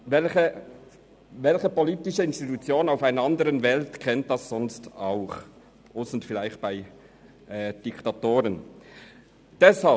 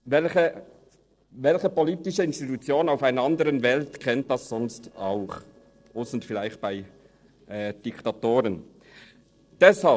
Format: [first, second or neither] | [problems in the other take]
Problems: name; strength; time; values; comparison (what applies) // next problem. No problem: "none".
first | noise reduction (neural separator model SepFormer DNS4)